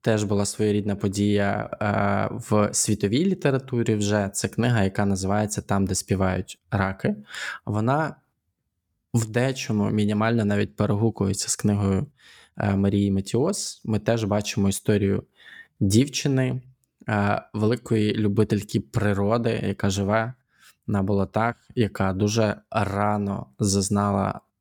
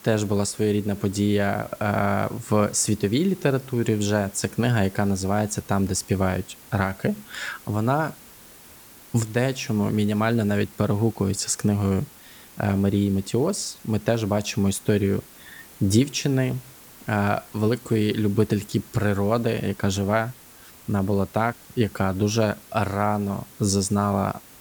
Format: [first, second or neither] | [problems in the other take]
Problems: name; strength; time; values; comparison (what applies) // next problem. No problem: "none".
first | hiss; faint; throughout; 20 dB below the speech